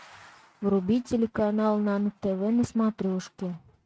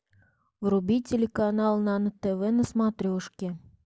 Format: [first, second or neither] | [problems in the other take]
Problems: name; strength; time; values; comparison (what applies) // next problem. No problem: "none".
second | noise reduction (neural mask model RNNoise)